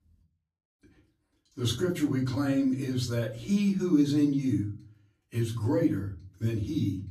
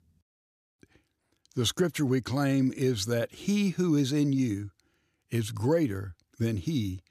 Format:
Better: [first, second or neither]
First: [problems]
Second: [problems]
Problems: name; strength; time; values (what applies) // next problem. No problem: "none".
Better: second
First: off-mic speech; far // room echo; slight; dies away in 0.4 s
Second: none